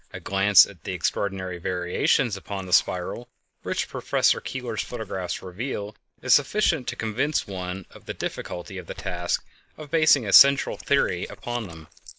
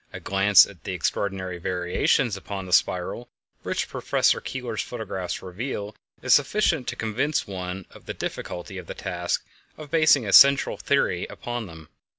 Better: second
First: noise reduction (neural mask model Resemble Enhance denoiser)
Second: none

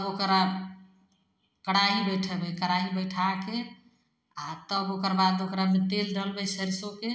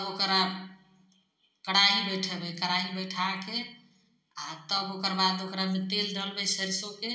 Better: first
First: none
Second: room echo; dies away in 0.2 s

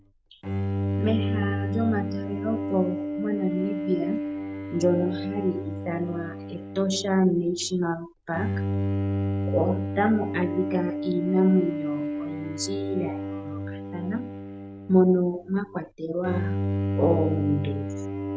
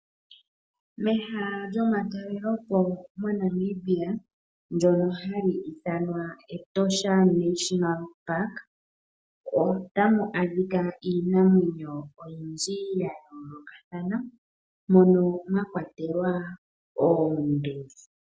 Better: second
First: background sound (Bowed string instrument); 3 dB below the speech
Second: none

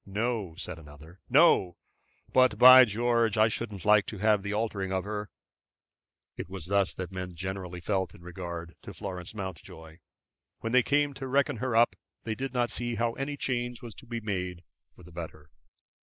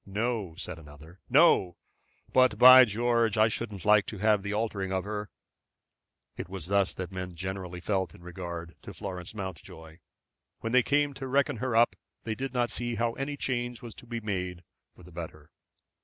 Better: second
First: noise reduction (neural mask model Resemble Enhance denoiser)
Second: none

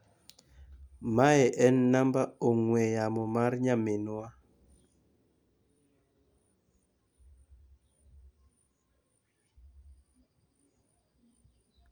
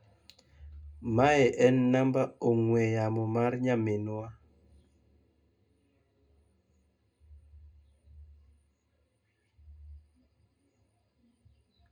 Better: first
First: none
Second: room echo; dies away in 0.2 s

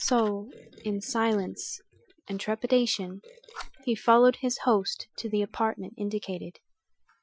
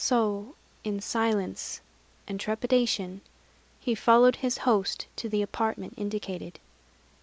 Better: second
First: noise reduction (classical method Wiener filter)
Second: none

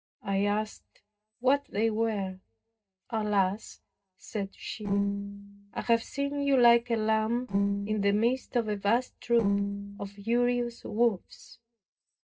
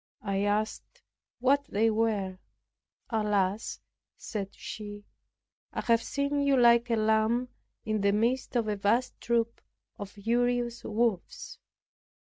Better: second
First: noise reduction (neural separator model SepFormer DNS4)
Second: none

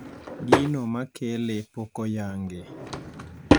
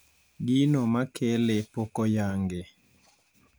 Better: second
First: background sound (Drawer open or close / Wood); 3 dB above the speech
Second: none

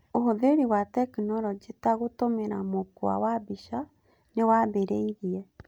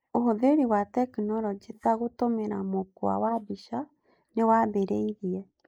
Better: first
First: none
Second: noise reduction (neural mask model Resemble Enhance denoiser)

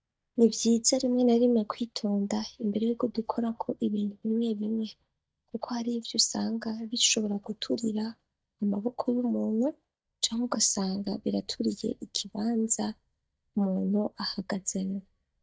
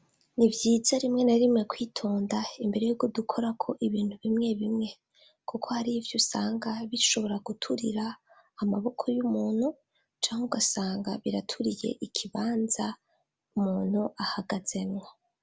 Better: second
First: noise reduction (neural mask model DeepFilterNet 3)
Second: none

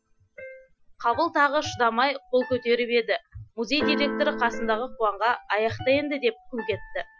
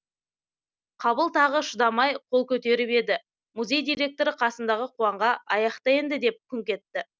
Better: second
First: noise reduction (classical method Wiener filter)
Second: none

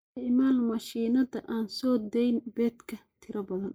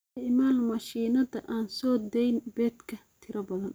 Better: second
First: noise reduction (neural mask model Resemble Enhance denoiser)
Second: none

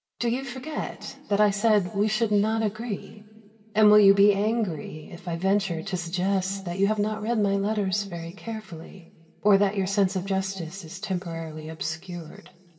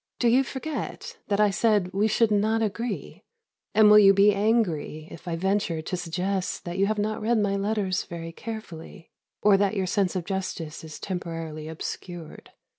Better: second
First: room echo; dies away in 2.1 s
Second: none

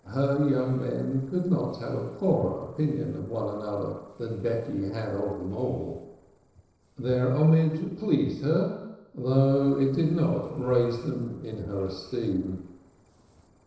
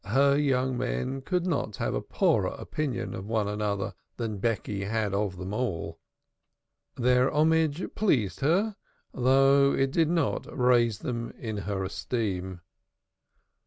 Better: second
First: noise reduction (neural separator model SepFormer DNS4)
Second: none

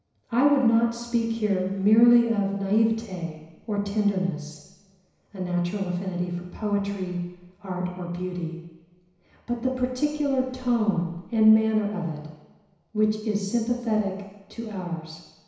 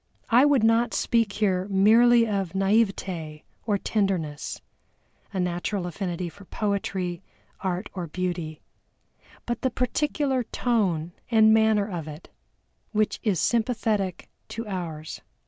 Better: second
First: room echo; dies away in 1 s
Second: none

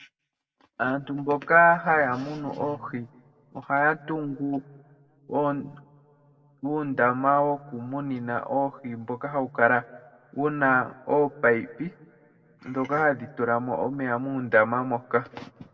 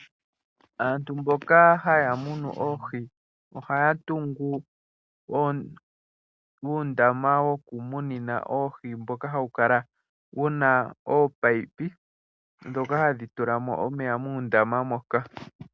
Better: second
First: room echo; dies away in 1.3 s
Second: none

